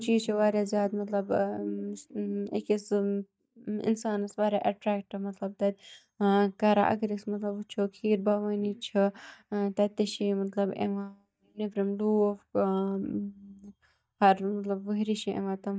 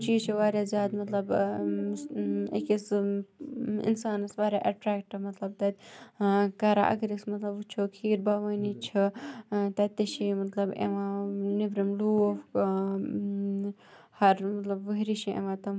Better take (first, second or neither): second